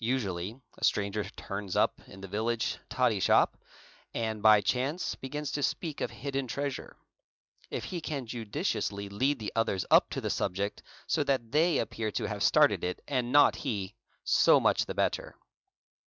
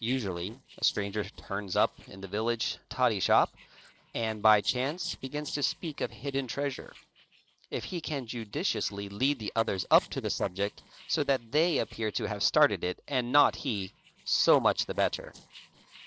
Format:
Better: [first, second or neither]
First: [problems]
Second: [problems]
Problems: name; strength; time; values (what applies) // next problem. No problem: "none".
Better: first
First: none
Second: noise reduction (neural separator model SepFormer DNS4)